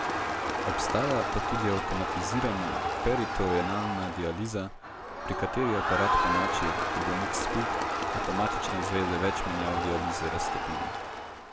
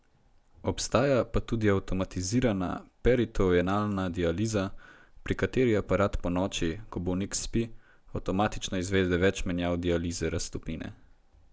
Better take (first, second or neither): second